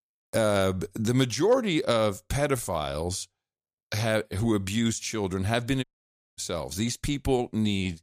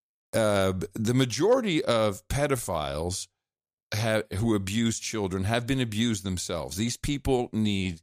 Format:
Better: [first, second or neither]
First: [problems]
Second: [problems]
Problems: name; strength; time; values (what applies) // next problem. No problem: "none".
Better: second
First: audio cutting out; at 6 s for 0.5 s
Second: none